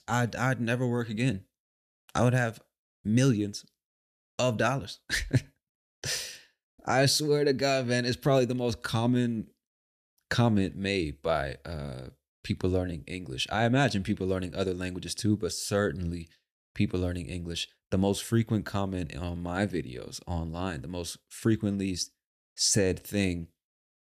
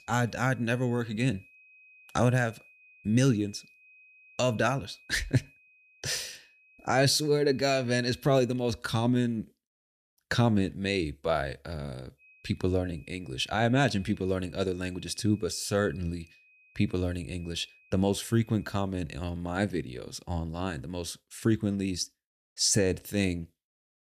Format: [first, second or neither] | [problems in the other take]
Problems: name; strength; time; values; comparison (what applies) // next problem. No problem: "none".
first | high-pitched whine; faint; until 9 s and from 12 to 19 s; 2.5 kHz, 25 dB below the speech